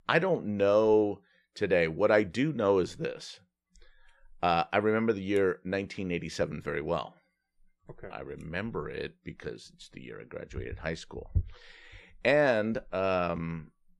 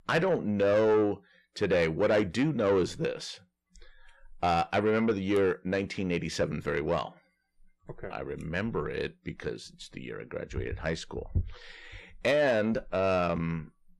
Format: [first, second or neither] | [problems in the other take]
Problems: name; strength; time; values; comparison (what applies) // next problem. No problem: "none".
first | distortion; slight; 10 dB below the speech